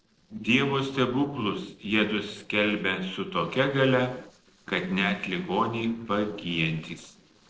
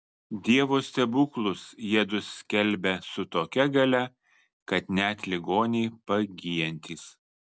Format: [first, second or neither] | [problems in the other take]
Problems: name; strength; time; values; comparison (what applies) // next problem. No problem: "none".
second | noise reduction (neural separator model SepFormer DNS4)